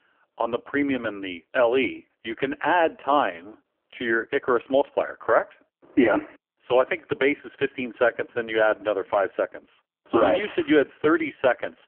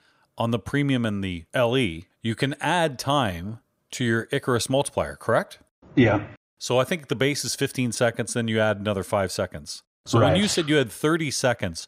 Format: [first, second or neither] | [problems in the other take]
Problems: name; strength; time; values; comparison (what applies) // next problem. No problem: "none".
second | phone-call audio; poor line; nothing above 3 kHz